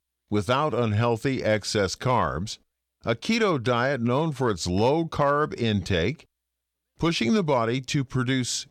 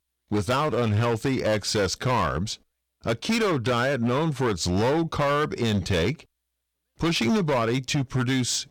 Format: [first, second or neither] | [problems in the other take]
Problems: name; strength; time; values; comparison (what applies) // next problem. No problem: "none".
first | distortion; slight; 15% of the sound clipped